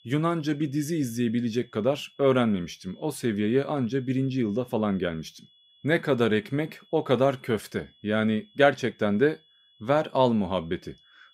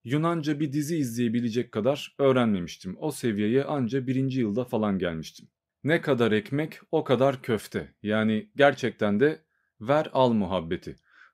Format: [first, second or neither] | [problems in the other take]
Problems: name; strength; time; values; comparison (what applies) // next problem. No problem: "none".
second | high-pitched whine; faint; throughout; 3.5 kHz, 30 dB below the speech